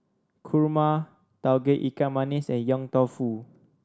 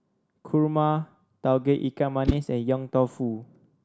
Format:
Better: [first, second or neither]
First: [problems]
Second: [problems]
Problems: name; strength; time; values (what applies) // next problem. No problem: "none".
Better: first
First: none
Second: background sound (Whoosh, swoosh, swish); 8 dB below the speech